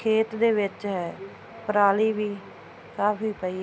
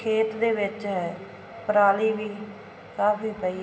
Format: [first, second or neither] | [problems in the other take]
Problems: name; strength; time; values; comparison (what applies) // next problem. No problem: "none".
first | room echo; dies away in 1.1 s